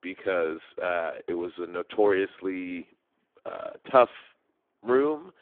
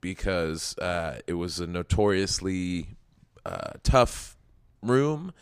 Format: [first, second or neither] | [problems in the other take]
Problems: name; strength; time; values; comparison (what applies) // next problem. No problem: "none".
second | phone-call audio; poor line